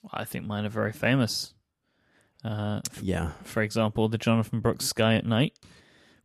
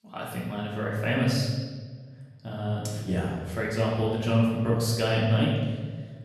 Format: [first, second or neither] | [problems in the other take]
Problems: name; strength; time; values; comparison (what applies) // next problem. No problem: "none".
first | room echo; noticeable; dies away in 1.4 s // off-mic speech; far